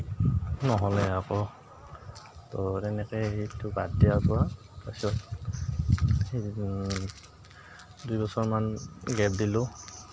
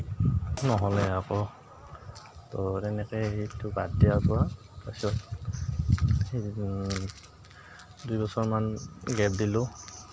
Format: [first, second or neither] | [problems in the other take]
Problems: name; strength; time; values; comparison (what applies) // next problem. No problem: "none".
first | background sound (Hi-hat); 16 dB below the speech